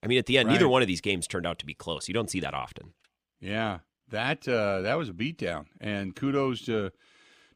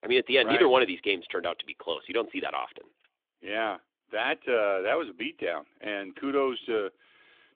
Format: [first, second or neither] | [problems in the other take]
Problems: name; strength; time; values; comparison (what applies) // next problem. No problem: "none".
first | phone-call audio